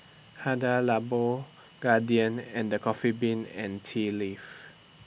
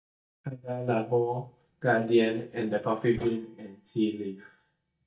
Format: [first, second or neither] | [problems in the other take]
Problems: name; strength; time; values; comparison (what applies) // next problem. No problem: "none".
first | noise reduction (neural mask model DeepFilterNet 3)